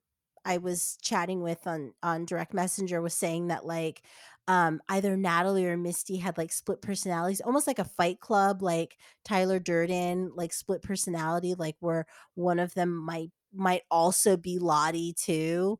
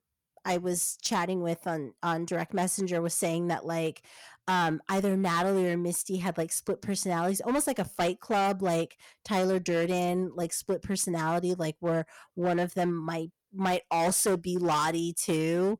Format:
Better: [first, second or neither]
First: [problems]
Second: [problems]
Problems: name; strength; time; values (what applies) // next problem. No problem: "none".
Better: first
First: none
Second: distortion; slight; 8% of the sound clipped